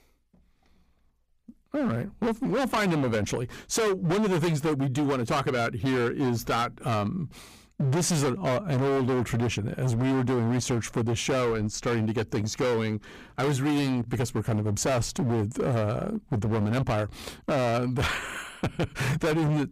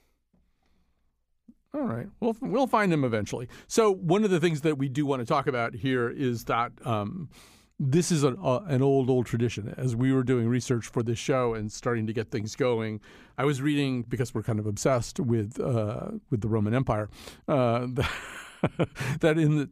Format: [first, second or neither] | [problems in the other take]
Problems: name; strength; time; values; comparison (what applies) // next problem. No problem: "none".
second | distortion; heavy; 23% of the sound clipped